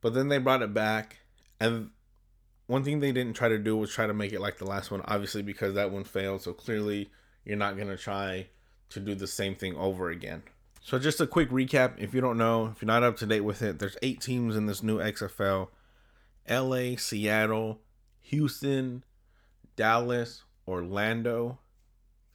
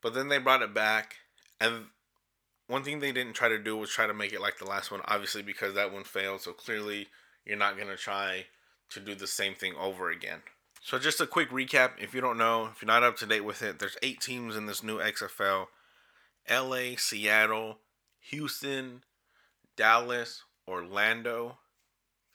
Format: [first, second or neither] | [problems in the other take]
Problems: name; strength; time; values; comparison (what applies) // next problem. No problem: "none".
first | thin; somewhat; fading below 1 kHz